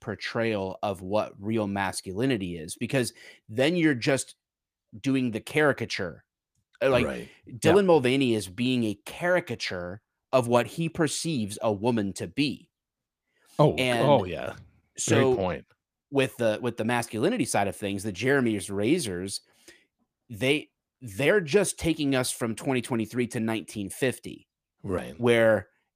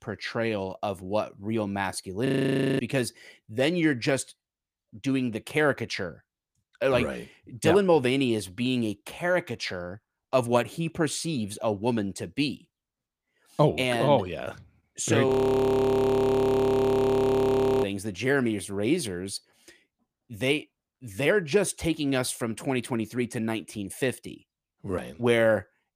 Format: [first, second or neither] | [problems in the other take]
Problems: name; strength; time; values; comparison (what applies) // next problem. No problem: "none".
first | audio freezing; at 2.5 s for 0.5 s and at 15 s for 2.5 s